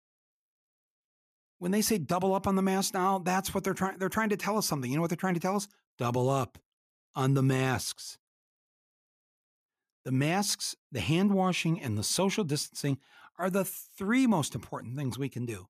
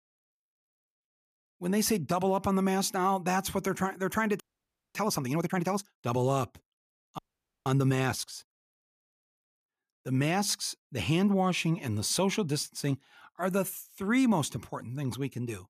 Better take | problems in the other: first | audio freezing; at 4.5 s for 0.5 s and at 7 s

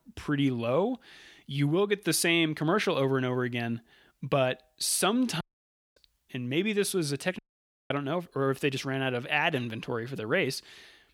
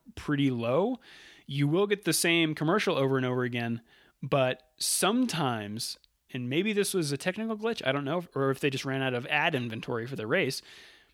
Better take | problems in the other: second | audio cutting out; at 5.5 s for 0.5 s and at 7.5 s for 0.5 s

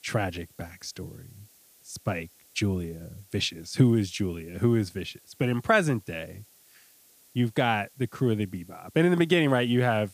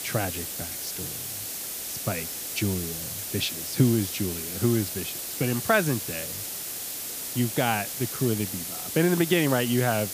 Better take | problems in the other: first | hiss; loud; throughout; 4 dB below the speech; faint in the first

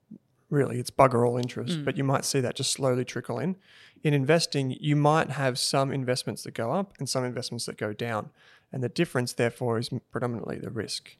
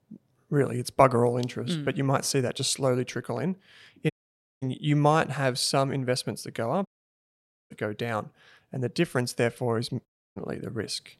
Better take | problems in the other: first | audio cutting out; at 4 s for 0.5 s, at 7 s for 1 s and at 10 s

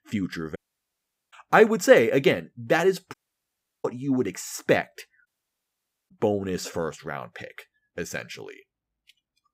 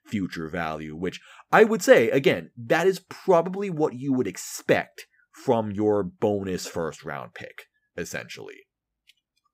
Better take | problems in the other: second | audio cutting out; at 0.5 s for 1 s, at 3 s for 0.5 s and at 5.5 s for 1 s

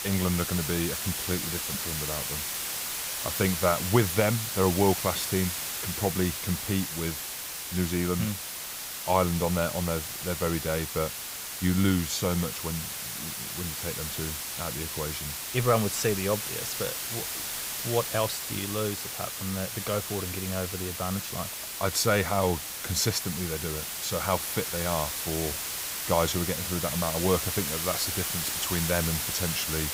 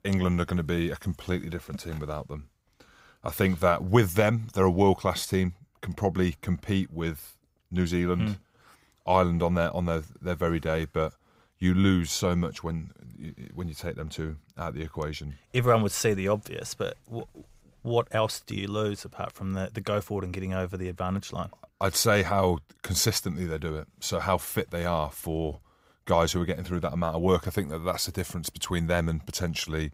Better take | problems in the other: second | hiss; loud; throughout; 2 dB below the speech

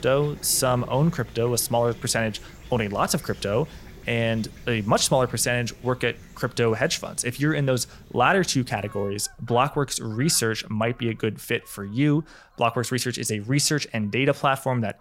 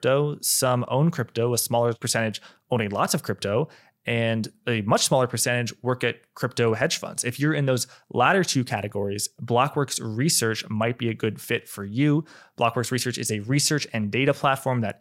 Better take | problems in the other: second | animal sounds; faint; throughout; 20 dB below the speech

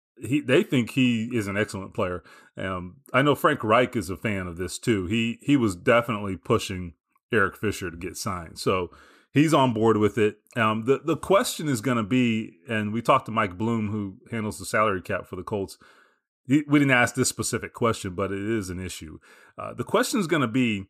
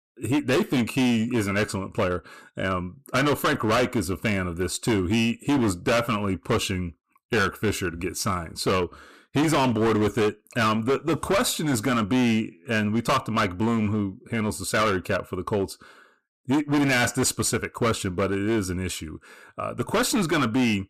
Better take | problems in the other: first | distortion; heavy; 15% of the sound clipped

